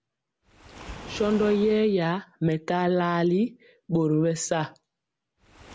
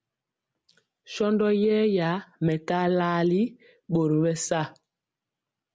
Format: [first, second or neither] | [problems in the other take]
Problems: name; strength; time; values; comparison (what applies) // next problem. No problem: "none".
second | background sound (Waves, surf); 20 dB below the speech